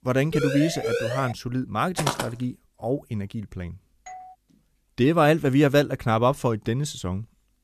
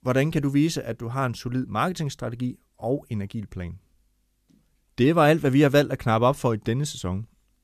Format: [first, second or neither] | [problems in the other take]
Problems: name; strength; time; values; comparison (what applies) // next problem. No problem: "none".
second | siren; noticeable; at 0.5 s; peak 3 dB below the speech // footsteps; noticeable; at 2 s; peak 3 dB below the speech // doorbell; faint; at 4 s; peak 20 dB below the speech